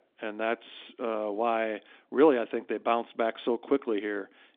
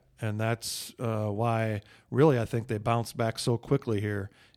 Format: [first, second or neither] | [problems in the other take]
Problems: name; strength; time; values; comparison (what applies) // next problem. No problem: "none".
second | phone-call audio